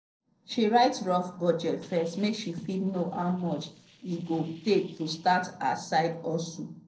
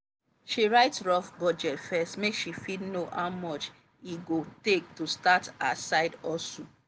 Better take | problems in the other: second | noise reduction (neural separator model SepFormer DNS4)

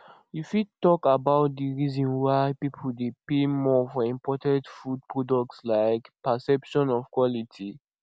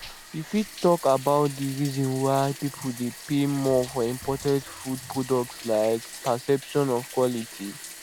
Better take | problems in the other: first | background sound (Bathtub (filling or washing)); 15 dB below the speech

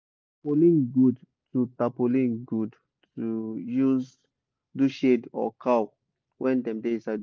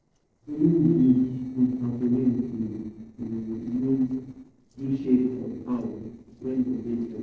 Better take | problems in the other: first | noise reduction (neural separator model SepFormer DNS4)

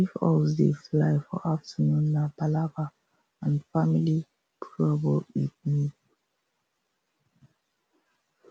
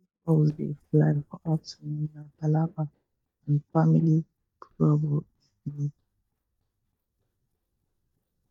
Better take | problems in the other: first | noise reduction (neural mask model DeepFilterNet 3)

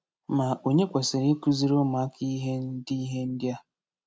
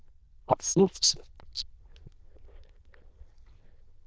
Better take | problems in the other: first | noise reduction (neural diffusion model UNIVERSE++)

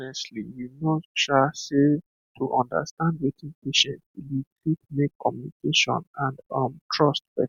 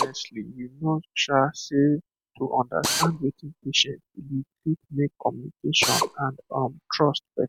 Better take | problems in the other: first | background sound (Drill); 8 dB below the speech

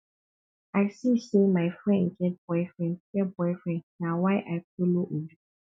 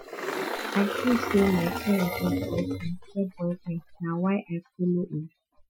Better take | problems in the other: first | noise reduction (classical method Wiener filter)

